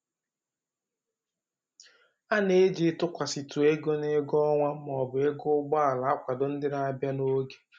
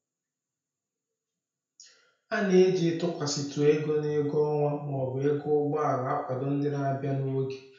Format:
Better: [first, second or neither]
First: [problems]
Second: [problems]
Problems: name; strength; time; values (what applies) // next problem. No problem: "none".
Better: first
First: none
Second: room echo; dies away in 0.5 s